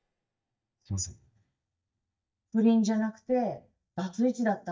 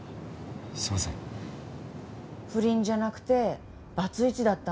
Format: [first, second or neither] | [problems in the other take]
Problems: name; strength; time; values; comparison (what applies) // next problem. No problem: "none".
second | noise reduction (neural mask model DeepFilterNet 3)